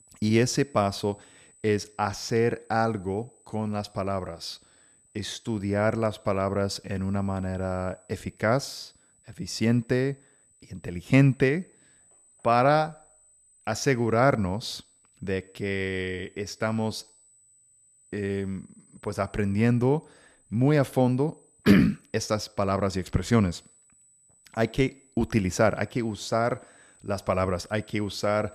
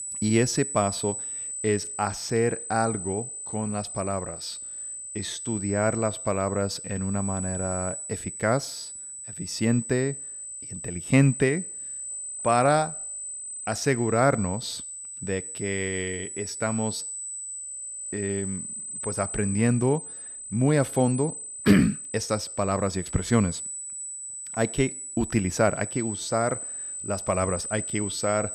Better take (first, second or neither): first